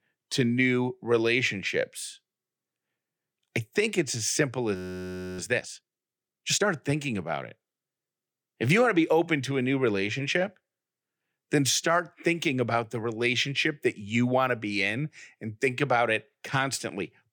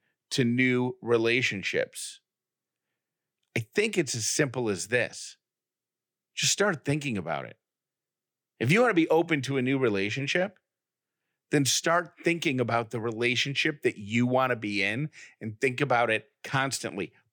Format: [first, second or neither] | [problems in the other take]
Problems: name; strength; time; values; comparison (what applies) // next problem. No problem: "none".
second | audio freezing; at 5 s for 0.5 s